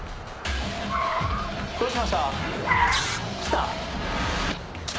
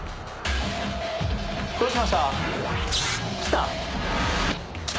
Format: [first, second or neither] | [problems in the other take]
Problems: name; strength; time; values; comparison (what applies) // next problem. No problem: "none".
second | background sound (Car); 3 dB below the speech